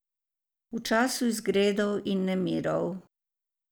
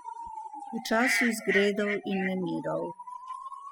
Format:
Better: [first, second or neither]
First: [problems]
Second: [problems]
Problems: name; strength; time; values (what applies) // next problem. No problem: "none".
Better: first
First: none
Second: noise reduction (classical method spectral subtraction)